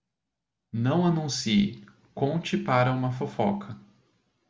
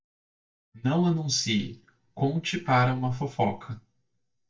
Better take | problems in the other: first | noise reduction (neural mask model DeepFilterNet 3)

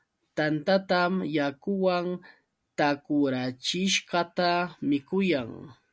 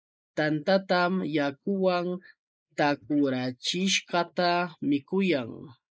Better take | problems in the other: first | noise reduction (neural mask model Resemble Enhance denoiser)

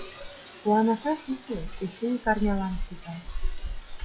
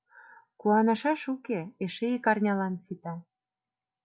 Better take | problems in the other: second | noise reduction (classical method log-MMSE)

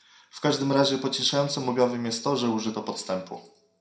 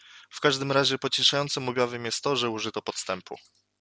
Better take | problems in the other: second | room echo; dies away in 0.4 s

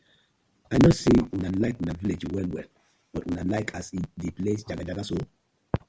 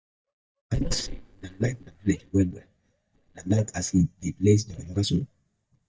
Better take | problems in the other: first | noise reduction (neural mask model DeepFilterNet 3)

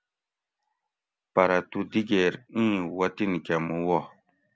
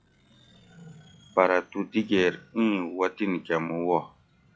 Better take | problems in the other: first | noise reduction (classical method log-MMSE)

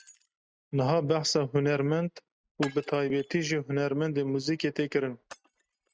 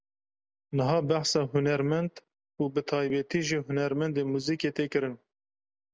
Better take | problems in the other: second | noise reduction (neural mask model RNNoise)

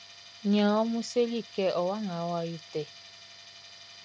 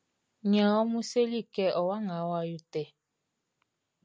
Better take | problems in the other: second | background sound (Tools); 19 dB below the speech

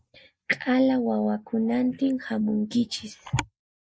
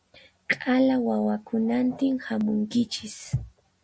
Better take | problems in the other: second | noise reduction (neural mask model Resemble Enhance denoiser)

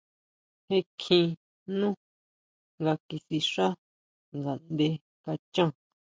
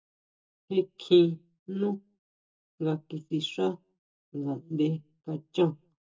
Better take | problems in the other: first | room echo; dies away in 0.2 s

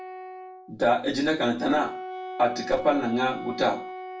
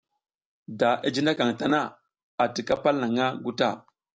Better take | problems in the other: second | background sound (Wind instrument, woodwind instrument); 11 dB below the speech // room echo; dies away in 0.3 s

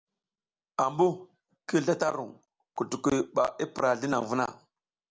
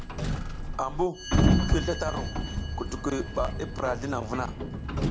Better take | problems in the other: first | background sound (Sliding door); 5 dB above the speech

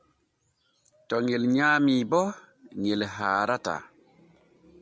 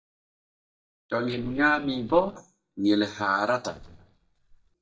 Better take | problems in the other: first | noise reduction (neural mask model DeepFilterNet 3)

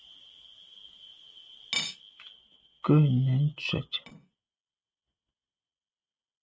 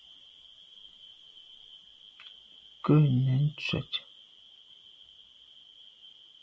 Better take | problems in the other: second | noise reduction (neural mask model RNNoise)

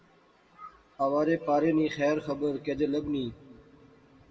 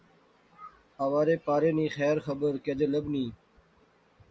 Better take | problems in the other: second | room echo; dies away in 1.1 s

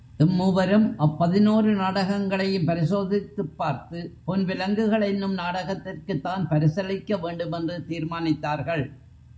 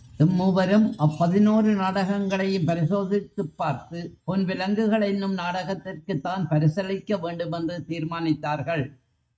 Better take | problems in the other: first | noise reduction (neural mask model RNNoise)

